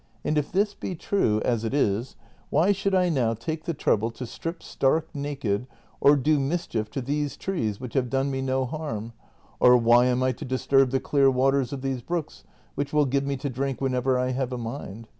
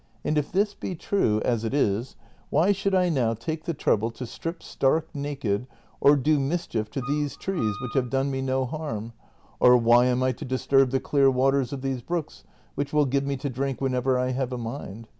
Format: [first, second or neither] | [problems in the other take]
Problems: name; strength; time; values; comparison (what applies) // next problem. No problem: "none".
first | background sound (Wind instrument, woodwind instrument); 15 dB below the speech